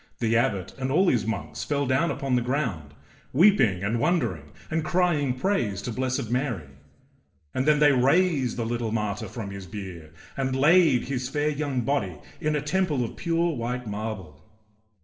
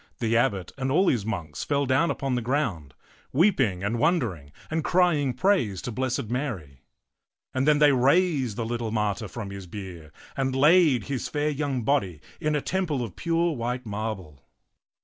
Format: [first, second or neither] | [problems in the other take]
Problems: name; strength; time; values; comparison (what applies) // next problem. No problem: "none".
second | room echo; dies away in 0.6 s